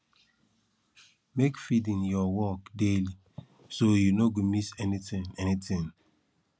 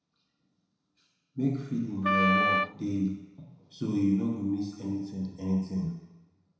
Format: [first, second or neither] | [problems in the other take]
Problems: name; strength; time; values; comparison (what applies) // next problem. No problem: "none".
first | background sound (Wind instrument, woodwind instrument); 4 dB above the speech // room echo; dies away in 1 s